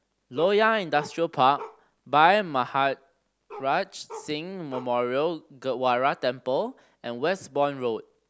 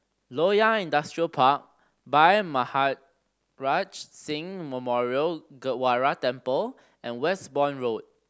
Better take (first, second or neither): second